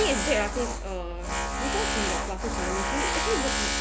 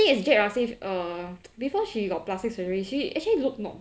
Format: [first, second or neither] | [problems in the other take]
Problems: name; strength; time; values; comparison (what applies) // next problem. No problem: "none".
second | background sound (Tools); 3 dB above the speech